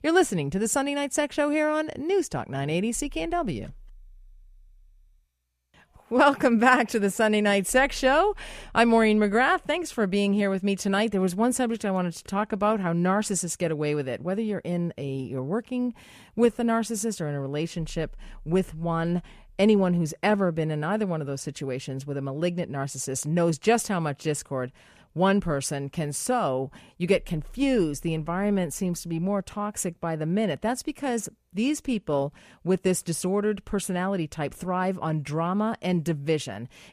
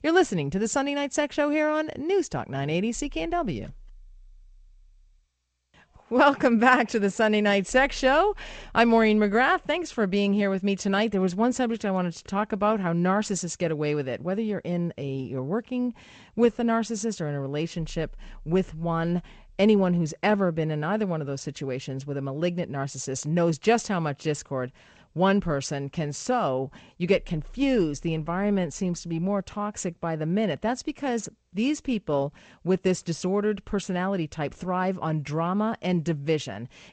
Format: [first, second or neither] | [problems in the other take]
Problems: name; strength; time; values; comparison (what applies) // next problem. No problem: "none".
first | garbled, watery; slightly; nothing above 8 kHz